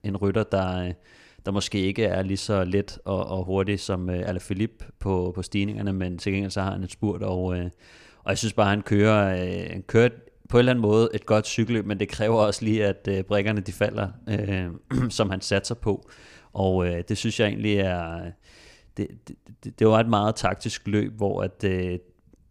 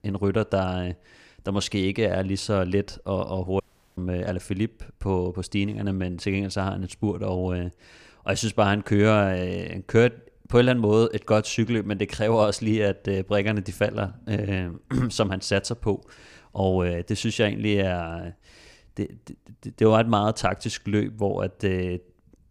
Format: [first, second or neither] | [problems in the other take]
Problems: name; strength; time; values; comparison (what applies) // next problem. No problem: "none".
first | audio cutting out; at 3.5 s